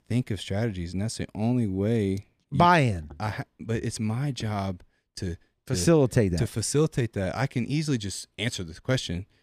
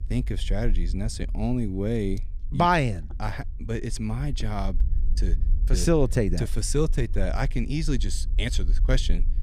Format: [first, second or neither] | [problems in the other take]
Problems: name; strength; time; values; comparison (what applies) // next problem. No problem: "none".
first | low rumble; faint; throughout; 25 dB below the speech